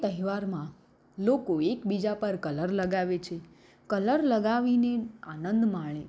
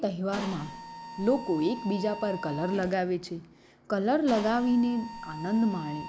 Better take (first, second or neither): first